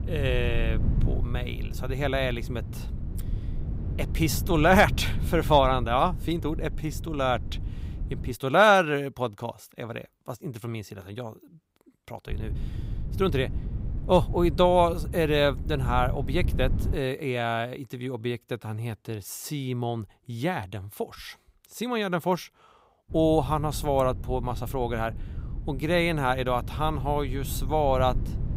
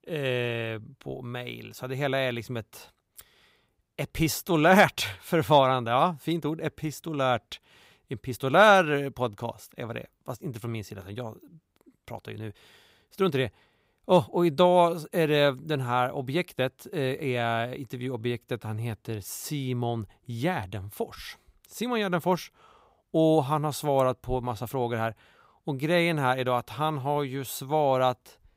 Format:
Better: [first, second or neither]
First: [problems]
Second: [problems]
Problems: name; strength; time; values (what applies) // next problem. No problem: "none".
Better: second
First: wind noise on the microphone; occasional gusts; until 8.5 s, from 12 to 17 s and from 23 s on; 20 dB below the speech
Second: none